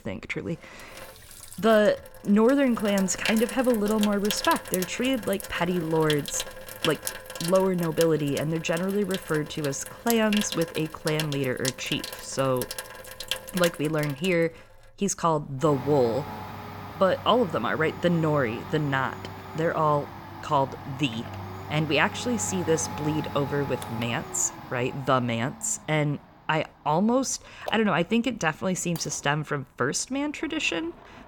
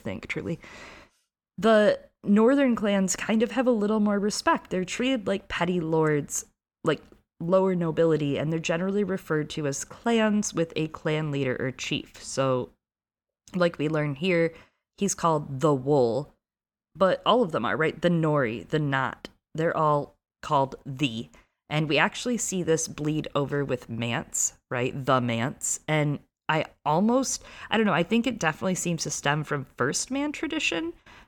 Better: second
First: household noises; loud; throughout; 10 dB below the speech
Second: none

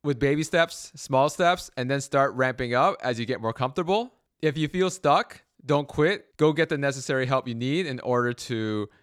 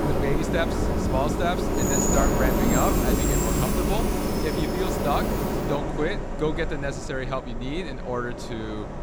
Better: first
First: none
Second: train or aircraft noise; very loud; throughout; 5 dB above the speech

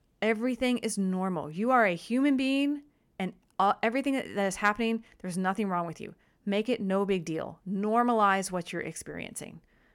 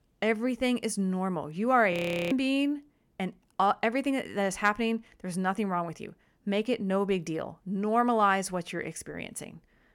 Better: first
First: none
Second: audio freezing; at 2 s

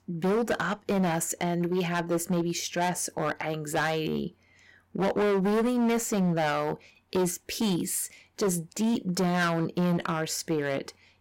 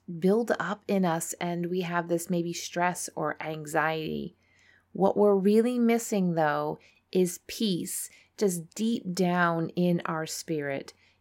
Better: second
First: distortion; heavy; 14% of the sound clipped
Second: none

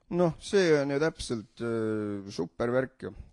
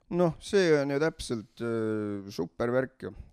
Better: second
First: garbled, watery; slightly; nothing above 10 kHz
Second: none

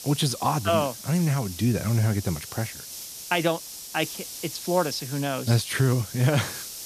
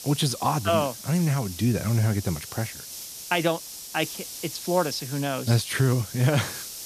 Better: neither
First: hiss; noticeable; throughout; 10 dB below the speech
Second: hiss; noticeable; throughout; 10 dB below the speech

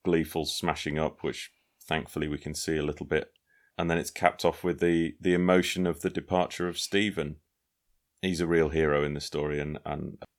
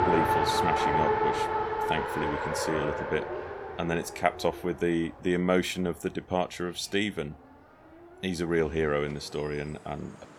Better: first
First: none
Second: traffic noise; very loud; throughout; 2 dB above the speech

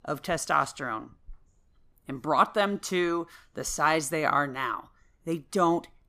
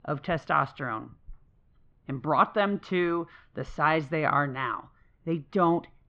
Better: first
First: none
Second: muffled; very; fading above 3.5 kHz

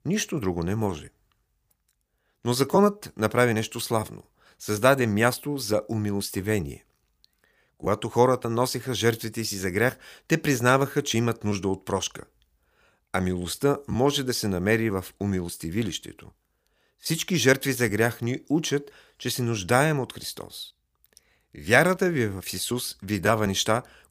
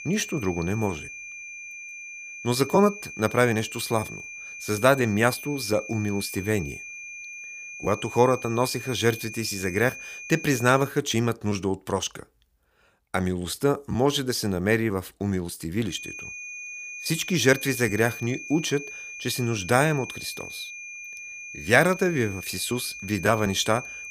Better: first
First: none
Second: high-pitched whine; noticeable; until 11 s and from 16 s on; 2.5 kHz, 10 dB below the speech

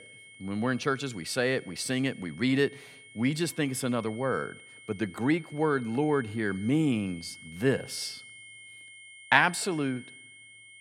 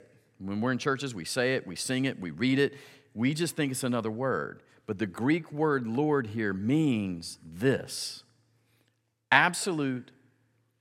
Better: second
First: high-pitched whine; noticeable; throughout; 2 kHz, 20 dB below the speech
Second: none

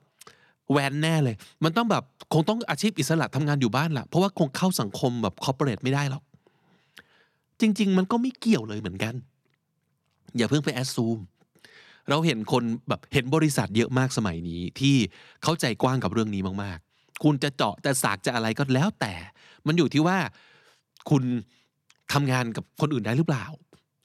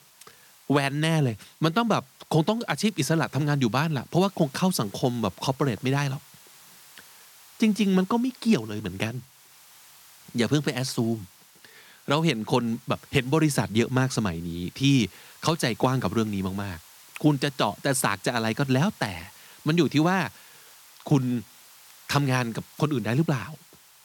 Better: first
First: none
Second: hiss; faint; throughout; 25 dB below the speech

